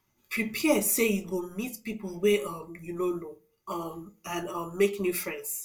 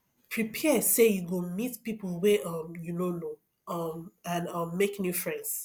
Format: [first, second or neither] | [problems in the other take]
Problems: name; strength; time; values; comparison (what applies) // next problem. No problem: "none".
second | room echo; dies away in 0.2 s